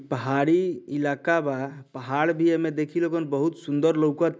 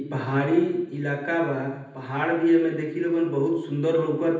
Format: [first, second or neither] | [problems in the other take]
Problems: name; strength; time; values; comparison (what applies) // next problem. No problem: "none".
first | room echo; dies away in 0.9 s